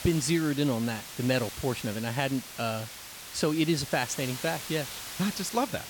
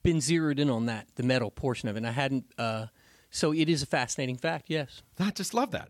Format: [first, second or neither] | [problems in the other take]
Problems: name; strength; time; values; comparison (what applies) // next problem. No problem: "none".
second | hiss; loud; throughout; 9 dB below the speech